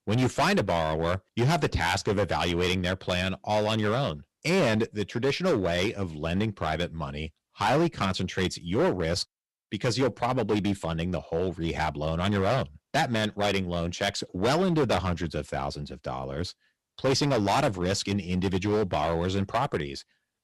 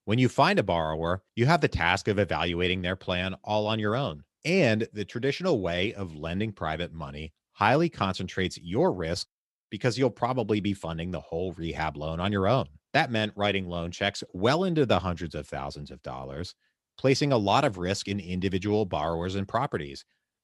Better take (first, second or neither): second